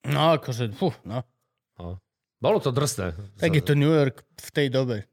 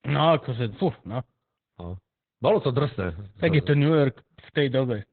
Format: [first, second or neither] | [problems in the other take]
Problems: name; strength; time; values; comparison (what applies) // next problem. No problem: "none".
first | garbled, watery; badly; nothing above 4 kHz